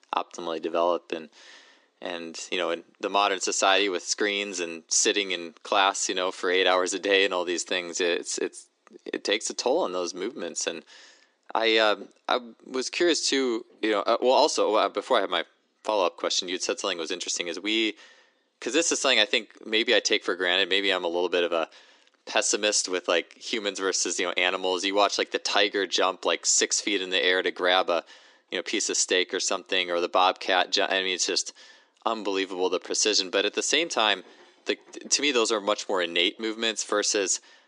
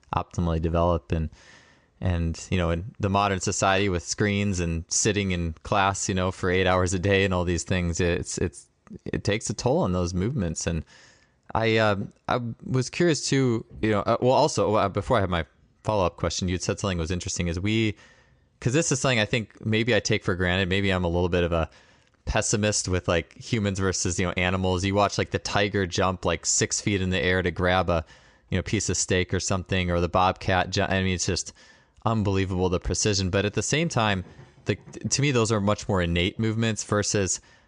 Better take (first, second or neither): second